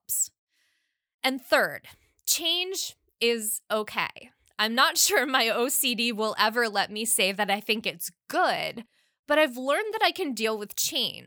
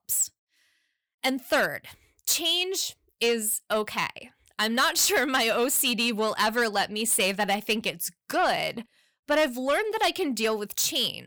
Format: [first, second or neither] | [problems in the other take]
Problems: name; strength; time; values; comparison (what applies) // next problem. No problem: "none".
first | distortion; slight; 10 dB below the speech